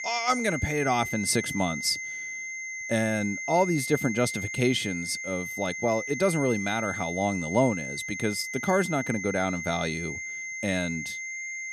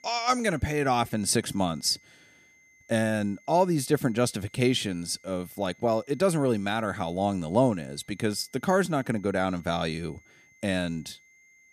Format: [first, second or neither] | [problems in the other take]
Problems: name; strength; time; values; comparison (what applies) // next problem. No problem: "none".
second | high-pitched whine; loud; throughout; 2 kHz, 5 dB below the speech; faint in the second